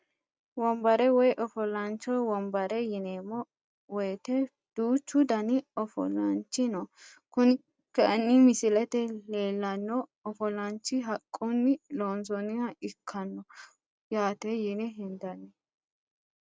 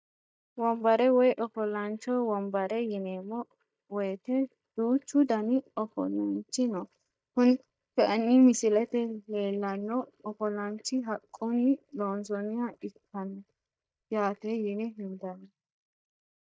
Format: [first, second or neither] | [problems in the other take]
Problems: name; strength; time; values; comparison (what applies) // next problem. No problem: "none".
first | noise reduction (neural mask model DeepFilterNet 3)